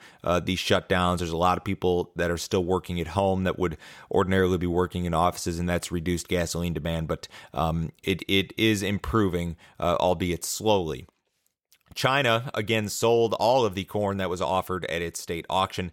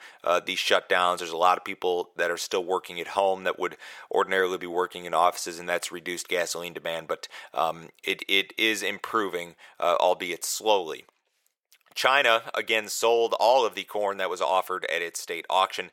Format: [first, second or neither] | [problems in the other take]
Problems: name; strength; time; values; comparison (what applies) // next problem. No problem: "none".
first | thin; very; fading below 550 Hz